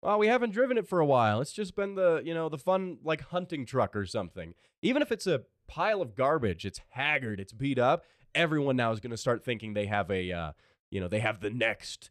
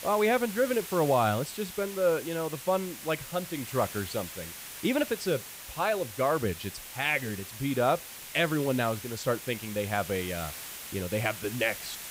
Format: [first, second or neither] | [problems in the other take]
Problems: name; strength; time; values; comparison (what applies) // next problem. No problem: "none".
first | hiss; loud; throughout; 10 dB below the speech